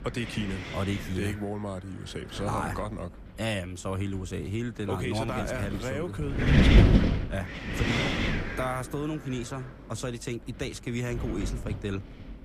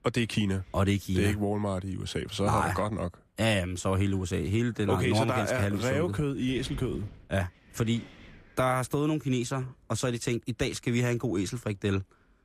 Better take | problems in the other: second | wind noise on the microphone; heavy; 3 dB above the speech; occasional gusts in the second

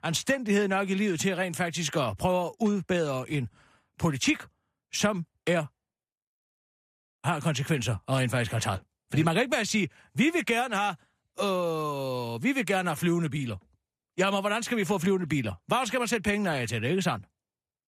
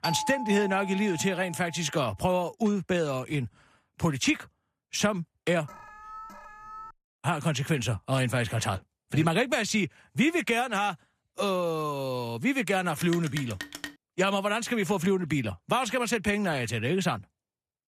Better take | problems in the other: first | doorbell; noticeable; until 1.5 s; peak 4 dB below the speech // alarm; faint; from 5.5 to 7 s; peak 15 dB below the speech // phone ringing; noticeable; at 13 s; peak 10 dB below the speech

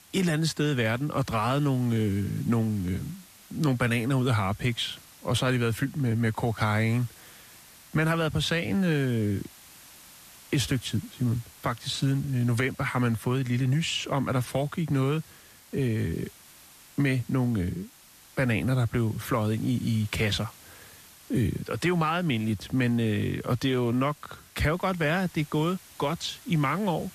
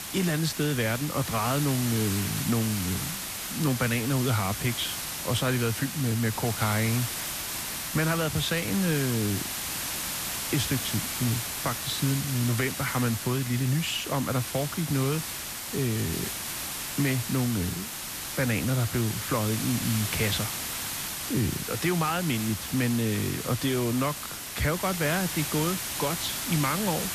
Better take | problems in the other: first | hiss; loud; throughout; 3 dB below the speech; faint in the first

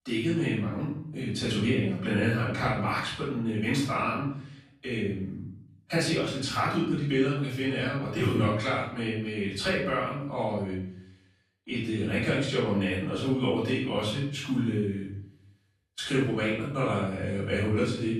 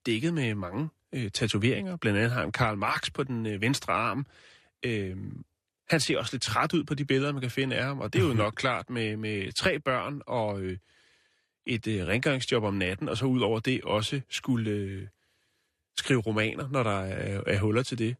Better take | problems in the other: second | off-mic speech; far // room echo; noticeable; dies away in 0.6 s

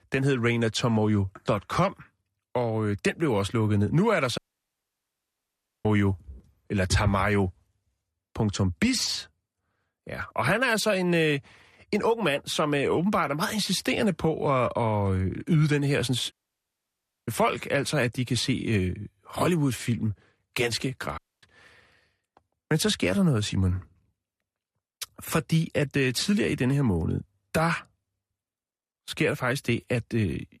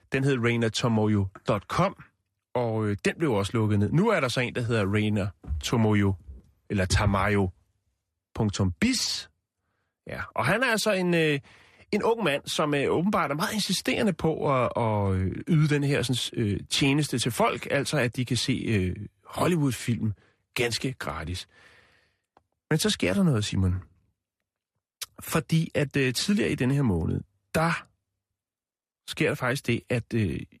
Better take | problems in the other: second | audio cutting out; at 4.5 s for 1.5 s, at 16 s for 1 s and at 21 s

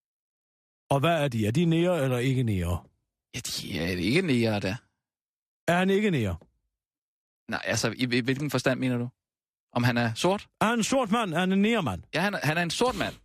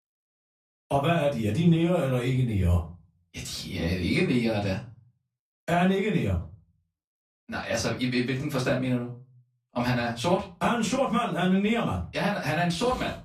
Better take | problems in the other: first | room echo; slight; dies away in 0.3 s // off-mic speech; far

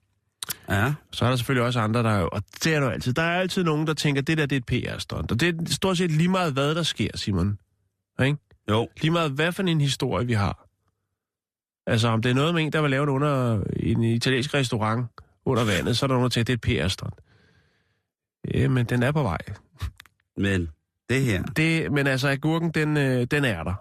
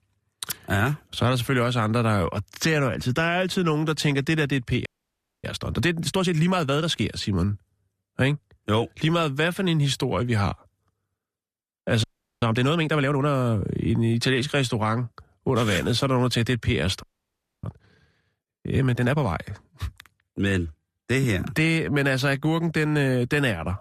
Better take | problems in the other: first | audio freezing; at 5 s for 0.5 s, at 12 s and at 17 s for 0.5 s

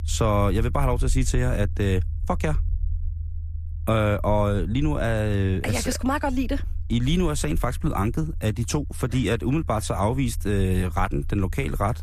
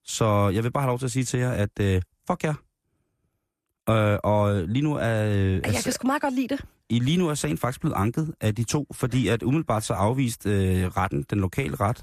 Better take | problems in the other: second | low rumble; faint; throughout; 25 dB below the speech

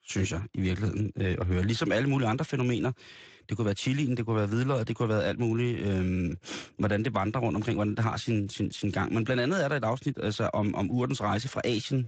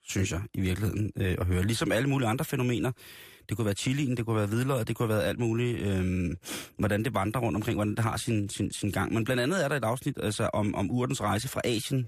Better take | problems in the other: second | garbled, watery; slightly; nothing above 7.5 kHz

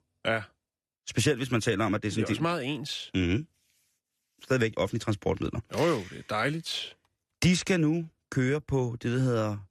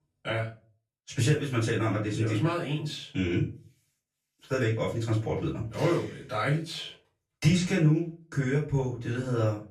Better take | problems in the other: first | off-mic speech; far // room echo; slight; dies away in 0.3 s

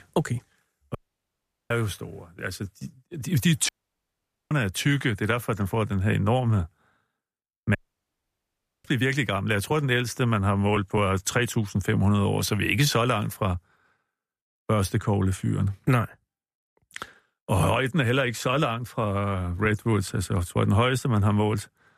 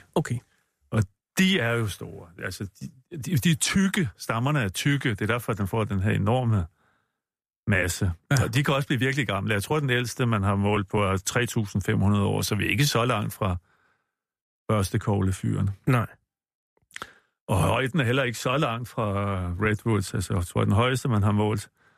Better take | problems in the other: second | audio cutting out; at 1 s for 1 s, at 3.5 s for 1 s and at 8 s for 1 s

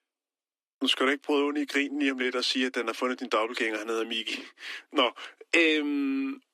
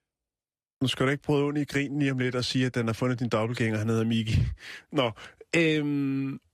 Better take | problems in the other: second | thin; very slightly; fading below 250 Hz

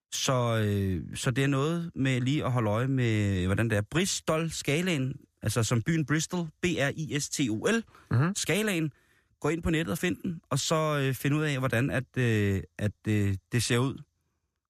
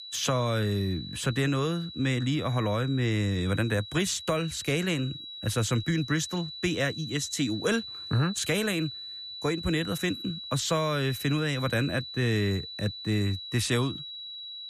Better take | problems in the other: first | high-pitched whine; loud; throughout; 4 kHz, 10 dB below the speech

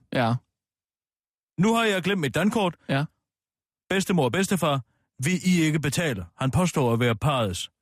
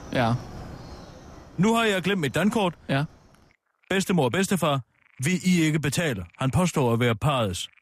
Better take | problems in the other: first | animal sounds; faint; throughout; 20 dB below the speech

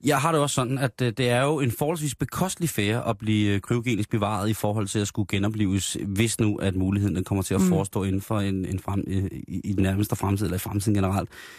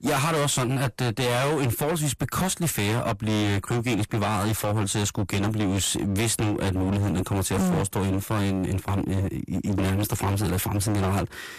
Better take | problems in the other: first | distortion; heavy; 28% of the sound clipped

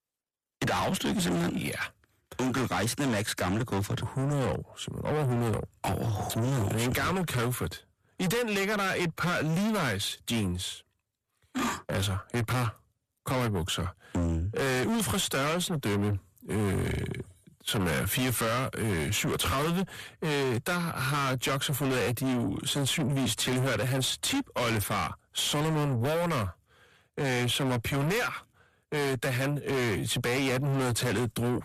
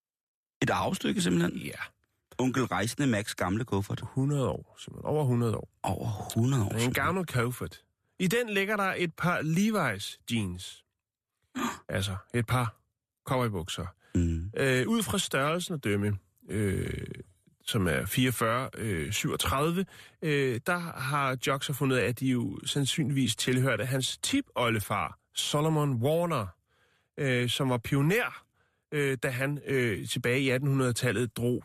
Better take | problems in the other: second | distortion; heavy; 7 dB below the speech

